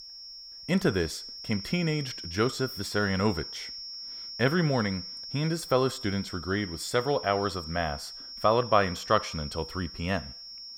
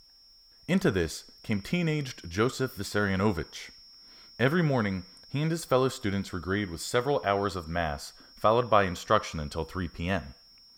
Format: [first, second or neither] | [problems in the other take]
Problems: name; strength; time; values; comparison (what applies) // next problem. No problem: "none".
second | high-pitched whine; loud; throughout; 5.5 kHz, 10 dB below the speech; faint in the second